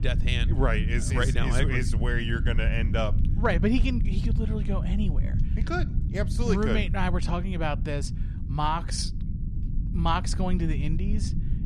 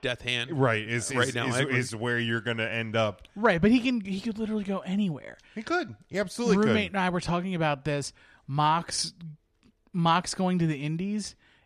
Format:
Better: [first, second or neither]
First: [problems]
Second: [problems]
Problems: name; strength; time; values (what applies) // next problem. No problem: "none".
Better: second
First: low rumble; noticeable; throughout; 10 dB below the speech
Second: none